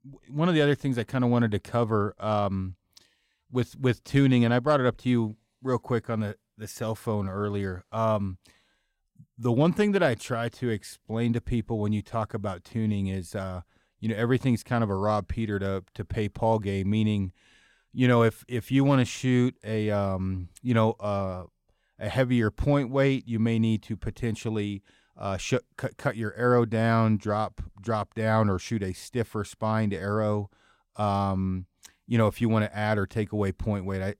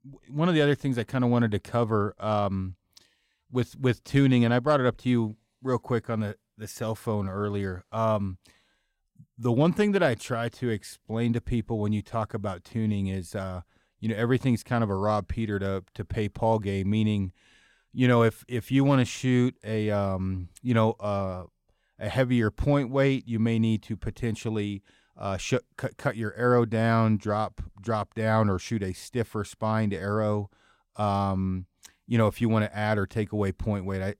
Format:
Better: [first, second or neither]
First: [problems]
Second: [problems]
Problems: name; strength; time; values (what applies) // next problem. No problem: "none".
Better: neither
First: none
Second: none